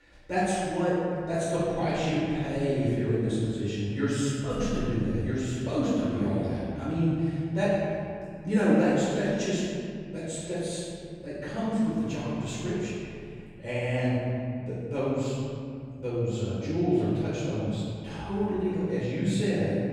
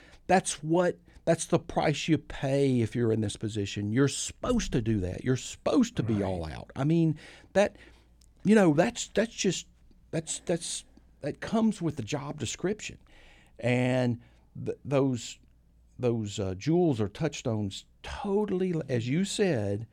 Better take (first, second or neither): second